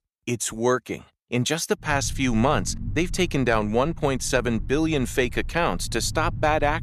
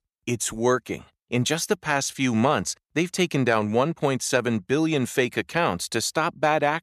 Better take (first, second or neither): second